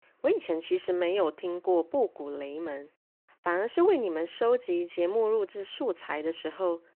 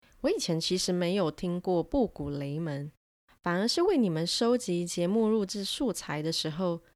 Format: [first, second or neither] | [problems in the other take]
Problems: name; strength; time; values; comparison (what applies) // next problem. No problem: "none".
second | phone-call audio